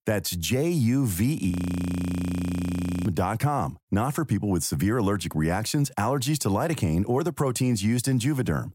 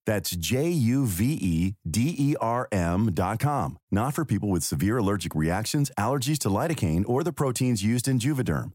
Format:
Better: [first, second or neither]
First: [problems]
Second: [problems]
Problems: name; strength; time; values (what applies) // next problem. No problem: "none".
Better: second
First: audio freezing; at 1.5 s for 1.5 s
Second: none